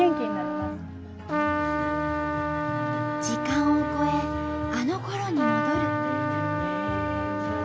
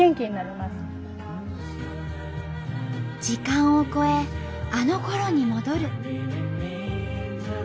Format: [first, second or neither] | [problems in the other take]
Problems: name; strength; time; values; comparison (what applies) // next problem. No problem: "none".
second | background sound (Trumpet); 1 dB above the speech